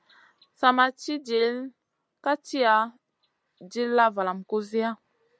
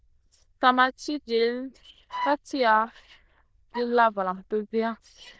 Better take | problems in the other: first | noise reduction (neural diffusion model UNIVERSE++)

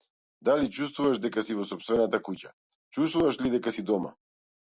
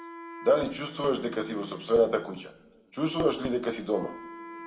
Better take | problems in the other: first | background sound (Wind instrument, woodwind instrument); 17 dB below the speech // room echo; dies away in 1.2 s

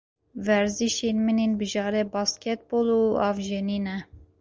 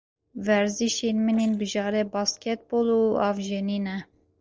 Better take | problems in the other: first | noise reduction (neural separator model SepFormer DNS4)

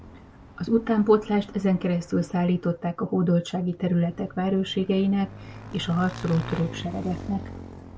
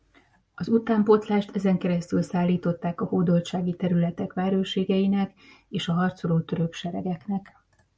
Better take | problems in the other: second | background sound (Motorcycle / Engine); 16 dB below the speech

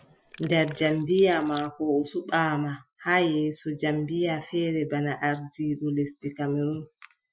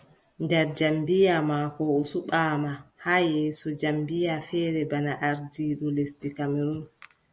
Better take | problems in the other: second | noise reduction (classical method Wiener filter)

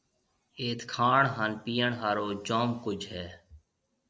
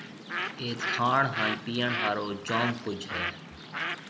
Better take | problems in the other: first | background sound (Bird); 3 dB below the speech

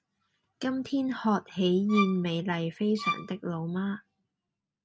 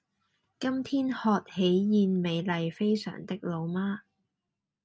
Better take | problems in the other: second | background sound (Bowed string instrument); 4 dB below the speech

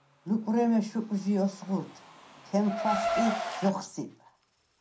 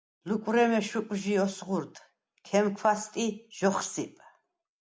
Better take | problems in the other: second | background sound (Car); 7 dB below the speech // room echo; dies away in 0.3 s

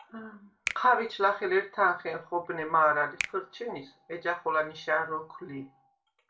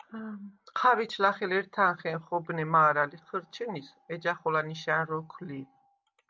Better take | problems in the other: second | background sound (Finger snapping); 14 dB below the speech // room echo; dies away in 0.3 s

